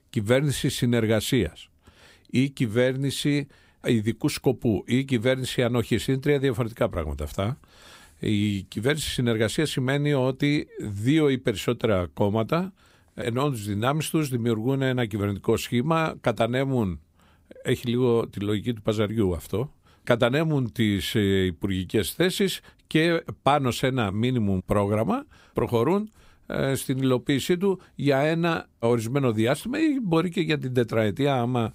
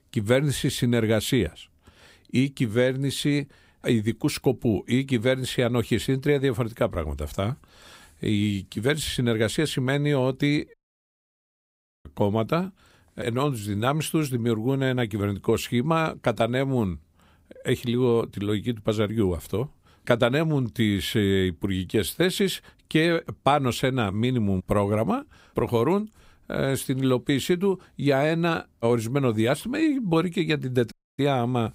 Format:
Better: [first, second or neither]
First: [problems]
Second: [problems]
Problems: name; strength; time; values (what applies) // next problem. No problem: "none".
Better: first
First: none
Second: audio cutting out; at 11 s for 1.5 s and at 31 s